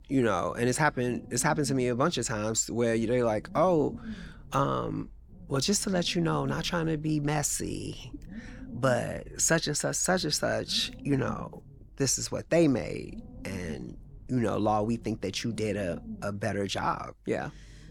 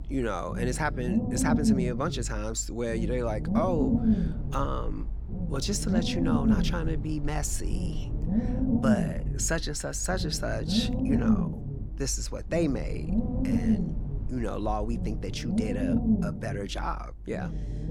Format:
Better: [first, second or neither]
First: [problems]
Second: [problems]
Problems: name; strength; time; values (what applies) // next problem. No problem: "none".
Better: first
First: low rumble; faint; throughout; 25 dB below the speech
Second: low rumble; loud; throughout; 3 dB below the speech